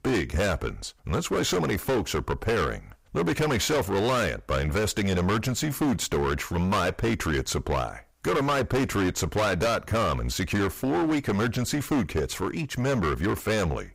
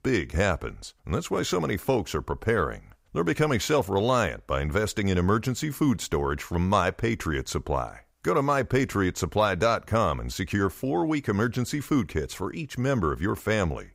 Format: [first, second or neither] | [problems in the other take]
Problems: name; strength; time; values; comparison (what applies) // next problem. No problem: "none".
second | distortion; heavy; 20% of the sound clipped